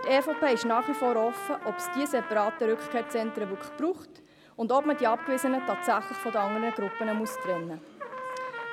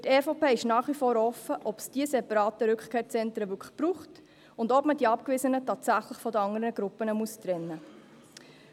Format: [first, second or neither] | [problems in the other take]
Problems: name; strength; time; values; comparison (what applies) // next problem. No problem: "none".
second | background sound (Trumpet); 8 dB below the speech